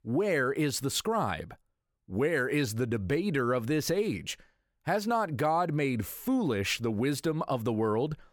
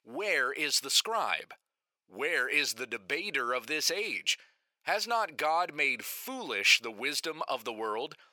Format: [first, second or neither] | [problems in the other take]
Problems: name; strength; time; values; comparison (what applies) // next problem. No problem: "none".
first | thin; very; fading below 650 Hz